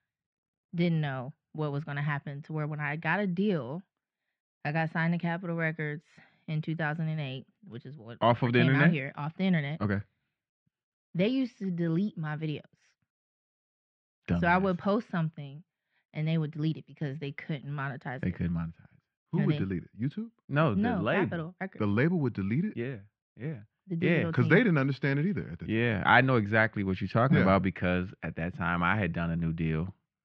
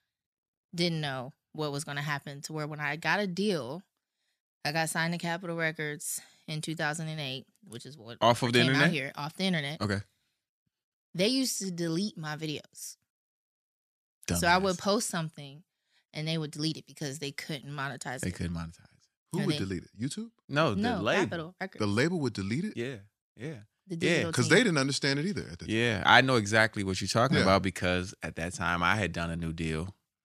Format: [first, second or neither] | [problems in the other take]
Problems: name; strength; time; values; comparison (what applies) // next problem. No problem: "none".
second | muffled; very; fading above 2.5 kHz